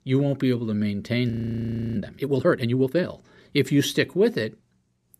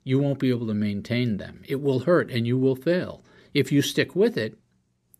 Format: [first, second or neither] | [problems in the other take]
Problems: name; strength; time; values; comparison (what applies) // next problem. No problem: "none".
second | audio freezing; at 1.5 s for 0.5 s